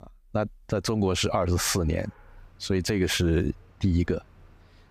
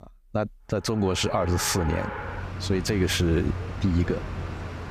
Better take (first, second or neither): first